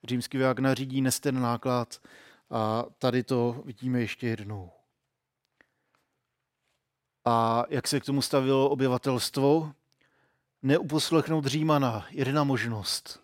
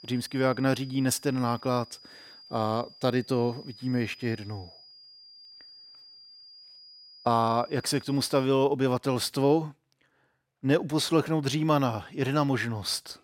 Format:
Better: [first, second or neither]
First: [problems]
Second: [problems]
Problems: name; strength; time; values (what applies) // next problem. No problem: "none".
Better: first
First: none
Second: high-pitched whine; faint; until 8.5 s; 5 kHz, 20 dB below the speech